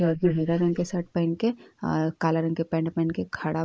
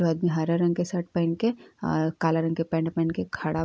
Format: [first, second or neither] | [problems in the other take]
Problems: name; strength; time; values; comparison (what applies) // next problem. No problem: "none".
second | noise reduction (neural mask model Resemble Enhance denoiser)